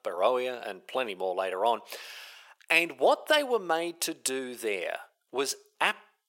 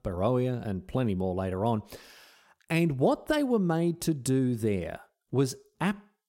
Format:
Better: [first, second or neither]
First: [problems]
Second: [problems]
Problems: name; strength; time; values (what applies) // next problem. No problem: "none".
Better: second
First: thin; very; fading below 550 Hz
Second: none